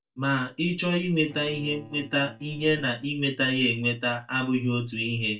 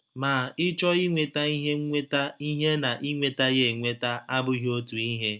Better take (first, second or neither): second